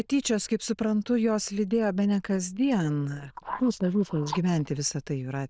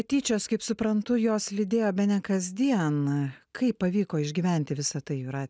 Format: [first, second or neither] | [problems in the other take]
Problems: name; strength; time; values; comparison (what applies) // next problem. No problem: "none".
second | noise reduction (neural diffusion model UNIVERSE++)